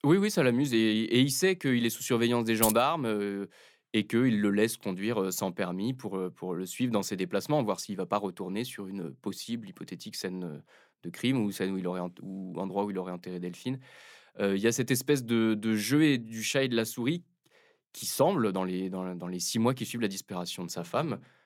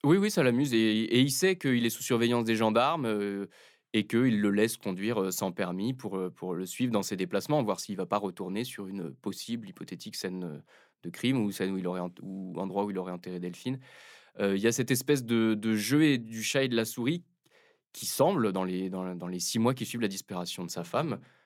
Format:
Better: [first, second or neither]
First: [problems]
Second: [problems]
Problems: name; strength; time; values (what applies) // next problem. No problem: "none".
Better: second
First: jangling keys; loud; at 2.5 s; peak level with the speech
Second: none